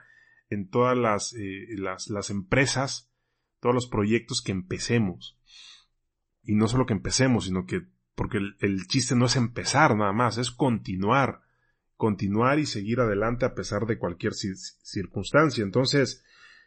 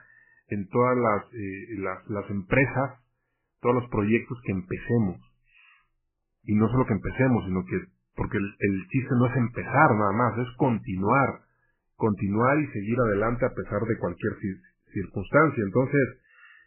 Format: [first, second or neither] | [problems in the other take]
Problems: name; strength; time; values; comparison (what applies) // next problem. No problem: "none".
first | garbled, watery; badly; nothing above 2.5 kHz; slightly in the first